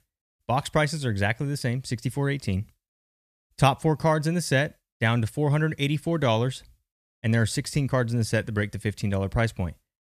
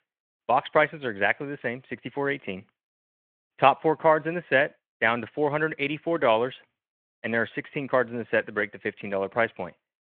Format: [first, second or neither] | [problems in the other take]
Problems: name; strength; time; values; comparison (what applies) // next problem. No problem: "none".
first | phone-call audio